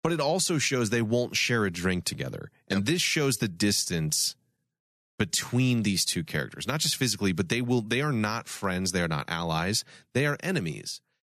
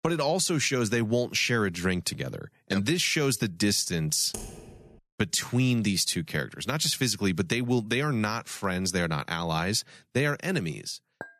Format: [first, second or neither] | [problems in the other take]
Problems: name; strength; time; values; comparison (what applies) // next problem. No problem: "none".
first | keyboard typing; faint; at 4.5 s; peak 10 dB below the speech // clattering dishes; faint; at 11 s; peak 20 dB below the speech